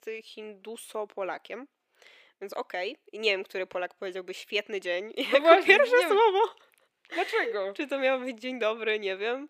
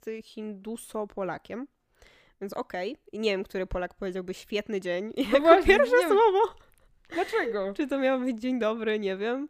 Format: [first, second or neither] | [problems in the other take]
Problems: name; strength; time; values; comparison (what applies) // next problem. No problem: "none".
second | thin; somewhat; fading below 450 Hz